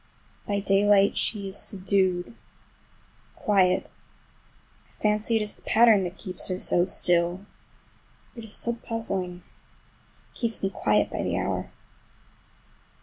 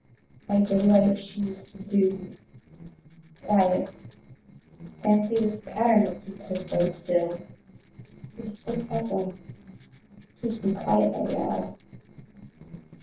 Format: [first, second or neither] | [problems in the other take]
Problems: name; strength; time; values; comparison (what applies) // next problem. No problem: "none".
first | noise reduction (neural separator model SepFormer DNS4)